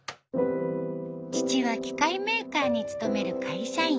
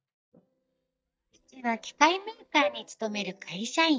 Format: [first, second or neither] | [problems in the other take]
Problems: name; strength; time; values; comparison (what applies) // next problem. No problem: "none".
first | noise reduction (neural mask model DeepFilterNet 3)